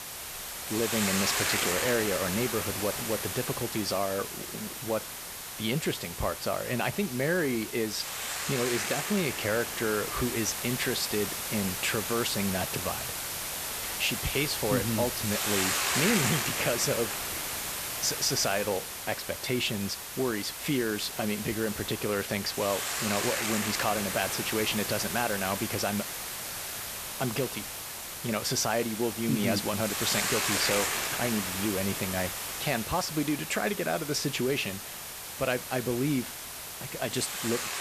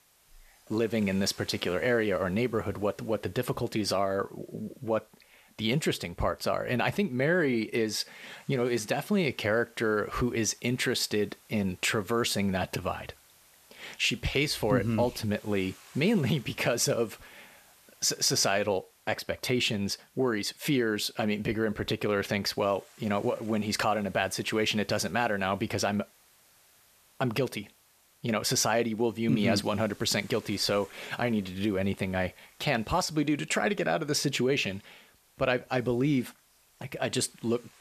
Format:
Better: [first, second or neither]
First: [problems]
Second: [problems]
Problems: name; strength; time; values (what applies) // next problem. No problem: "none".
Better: second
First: hiss; loud; throughout; 1 dB below the speech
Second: hiss; faint; throughout; 30 dB below the speech